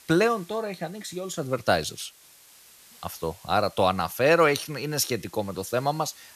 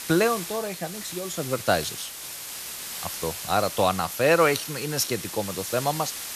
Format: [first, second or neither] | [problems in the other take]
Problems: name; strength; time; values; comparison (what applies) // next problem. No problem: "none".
first | hiss; loud; throughout; 8 dB below the speech; faint in the first